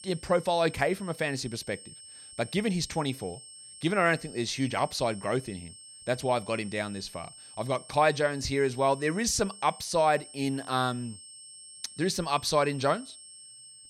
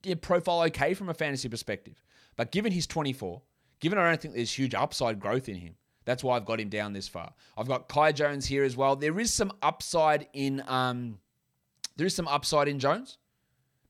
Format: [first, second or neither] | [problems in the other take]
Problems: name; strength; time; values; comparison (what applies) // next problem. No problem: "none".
second | high-pitched whine; noticeable; throughout; 8.5 kHz, 15 dB below the speech